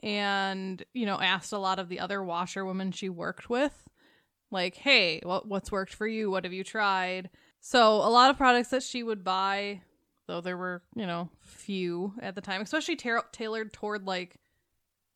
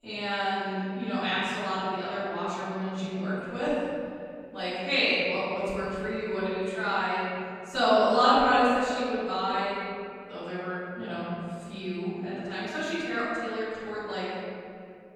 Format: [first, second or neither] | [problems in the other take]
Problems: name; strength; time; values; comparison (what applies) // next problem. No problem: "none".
first | off-mic speech; far // room echo; strong; dies away in 2.5 s